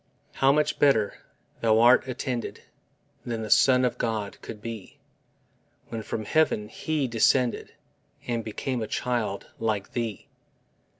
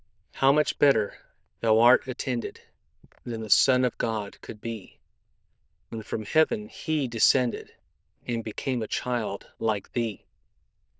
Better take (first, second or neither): first